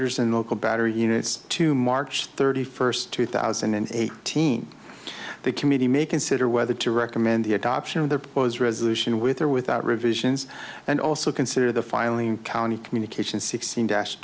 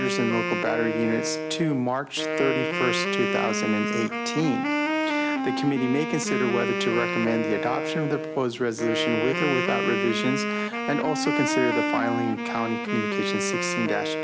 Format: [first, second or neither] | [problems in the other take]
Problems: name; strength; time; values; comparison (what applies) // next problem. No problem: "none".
first | background sound (Wind instrument, woodwind instrument); as loud as the speech